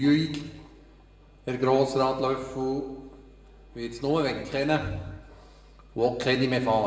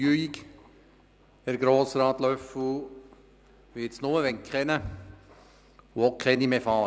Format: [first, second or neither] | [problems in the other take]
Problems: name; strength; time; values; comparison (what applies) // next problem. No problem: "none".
second | room echo; dies away in 0.9 s